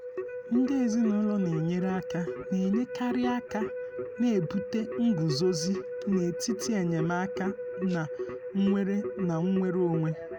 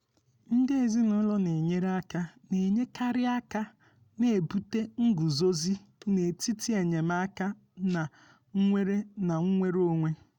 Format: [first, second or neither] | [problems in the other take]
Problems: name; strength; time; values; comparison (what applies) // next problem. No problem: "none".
second | background sound (Keyboard (musical)); 7 dB below the speech